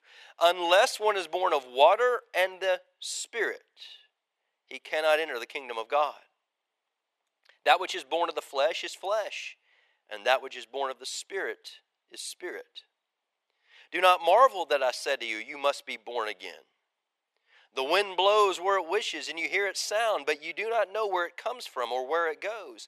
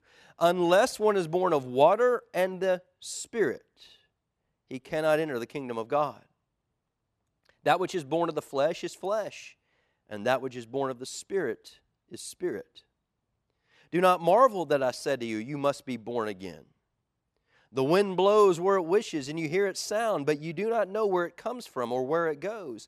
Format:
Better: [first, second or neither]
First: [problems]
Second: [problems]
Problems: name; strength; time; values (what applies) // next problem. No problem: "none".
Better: second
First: thin; very; fading below 500 Hz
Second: none